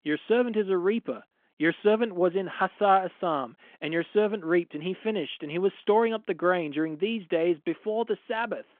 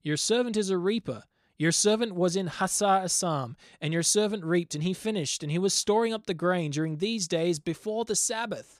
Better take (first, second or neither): second